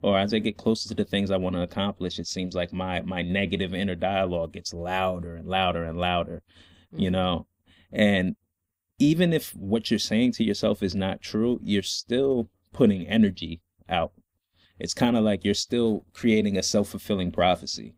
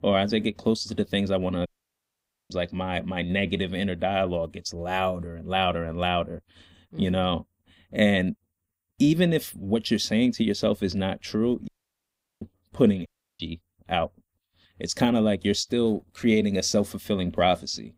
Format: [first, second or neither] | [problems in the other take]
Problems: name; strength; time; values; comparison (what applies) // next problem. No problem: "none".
first | audio cutting out; at 1.5 s for 1 s, at 12 s for 0.5 s and at 13 s